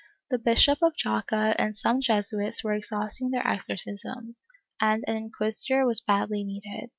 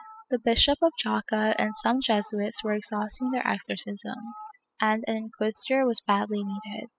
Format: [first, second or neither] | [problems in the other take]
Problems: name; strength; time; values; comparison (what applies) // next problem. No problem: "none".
first | noise reduction (classical method spectral subtraction)